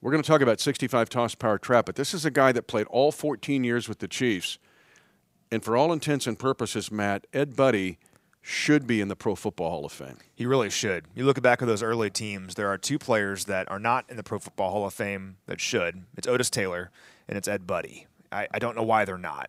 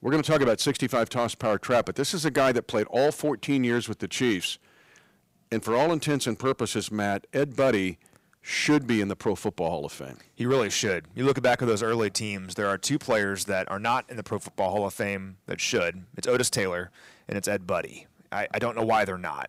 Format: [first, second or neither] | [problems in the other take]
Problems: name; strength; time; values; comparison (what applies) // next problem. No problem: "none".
first | distortion; slight; 3% of the sound clipped